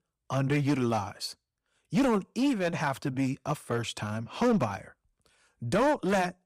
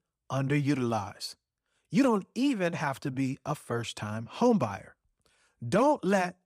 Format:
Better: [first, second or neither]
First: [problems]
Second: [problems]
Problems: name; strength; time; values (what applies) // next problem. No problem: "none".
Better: second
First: distortion; slight; 6% of the sound clipped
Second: none